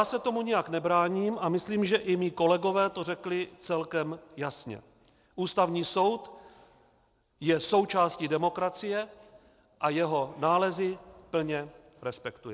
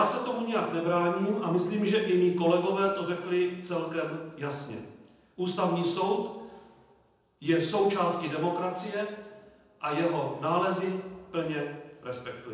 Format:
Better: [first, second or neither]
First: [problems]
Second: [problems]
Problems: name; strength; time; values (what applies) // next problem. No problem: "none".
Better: first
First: none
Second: room echo; dies away in 0.9 s